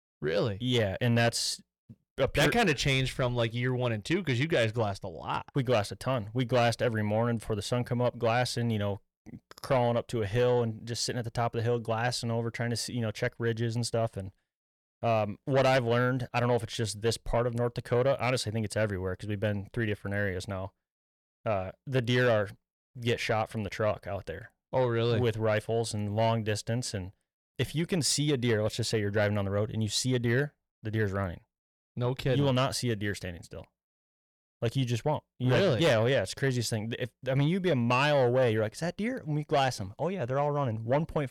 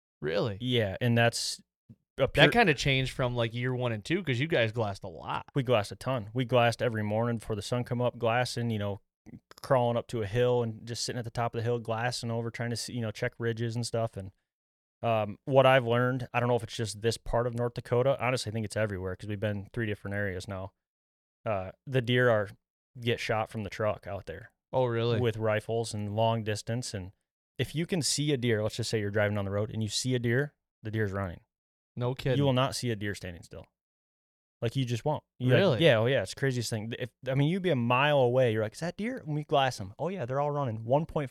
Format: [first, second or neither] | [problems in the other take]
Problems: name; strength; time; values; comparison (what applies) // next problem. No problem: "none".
second | distortion; slight; 10 dB below the speech